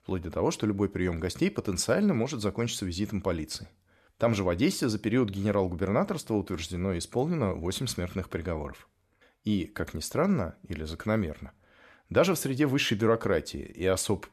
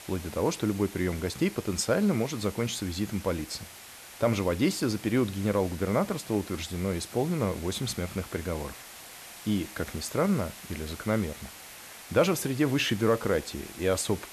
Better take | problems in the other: first | hiss; noticeable; throughout; 15 dB below the speech

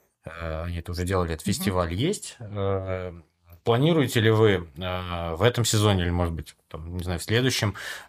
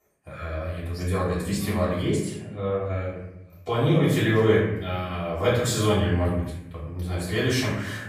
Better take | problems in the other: first | off-mic speech; far // room echo; noticeable; dies away in 0.8 s

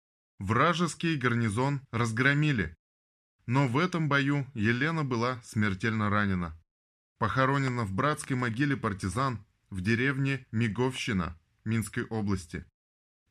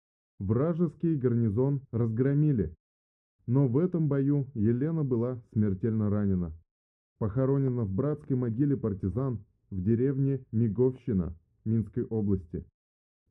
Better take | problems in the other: first | muffled; very; fading above 1 kHz

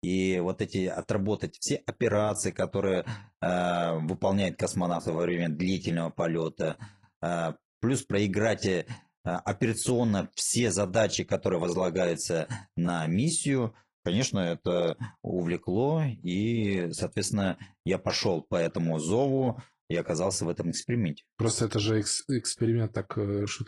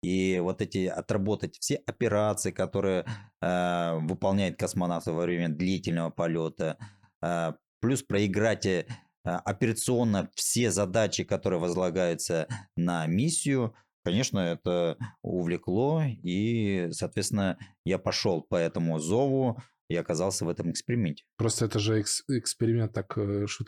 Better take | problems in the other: second | garbled, watery; slightly

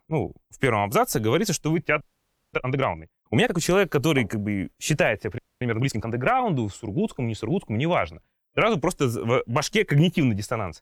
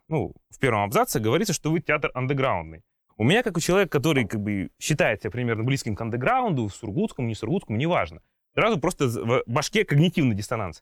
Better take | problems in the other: second | audio freezing; at 2 s for 0.5 s and at 5.5 s

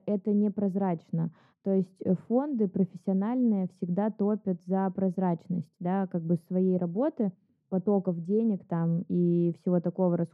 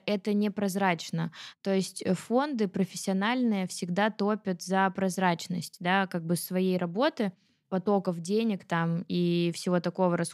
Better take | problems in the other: second | muffled; very; fading above 1.5 kHz

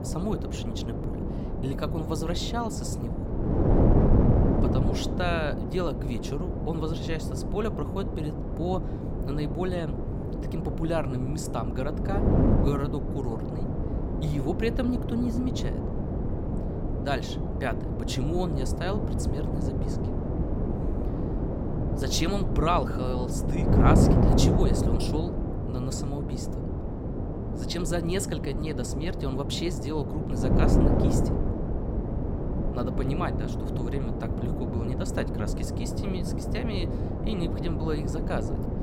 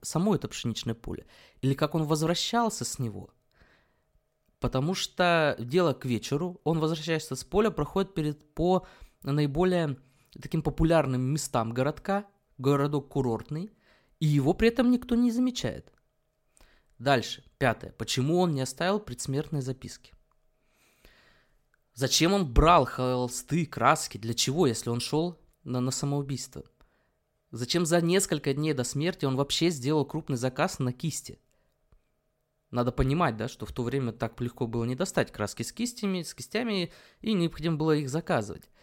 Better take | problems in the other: second | wind noise on the microphone; heavy; 1 dB below the speech

